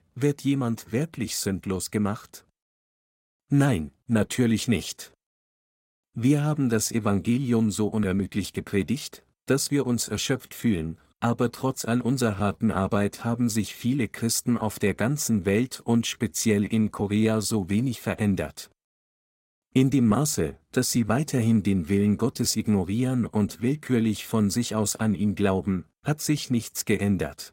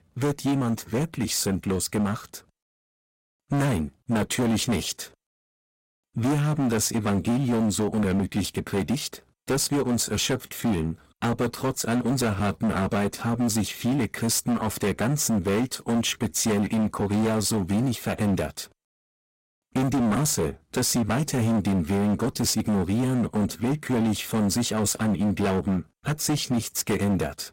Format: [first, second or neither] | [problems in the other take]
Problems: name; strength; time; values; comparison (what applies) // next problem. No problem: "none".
first | distortion; heavy; 20% of the sound clipped